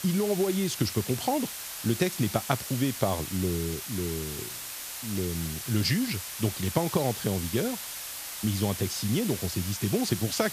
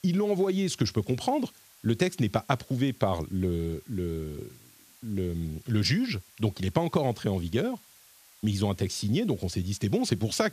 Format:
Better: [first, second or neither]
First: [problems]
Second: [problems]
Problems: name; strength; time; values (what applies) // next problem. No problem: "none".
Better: second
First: hiss; loud; throughout; 6 dB below the speech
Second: hiss; faint; throughout; 25 dB below the speech